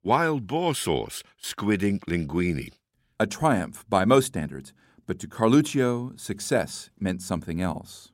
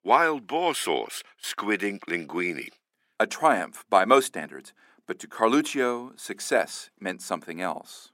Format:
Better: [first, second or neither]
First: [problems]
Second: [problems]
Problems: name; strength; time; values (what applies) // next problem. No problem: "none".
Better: first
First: none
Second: thin; somewhat; fading below 300 Hz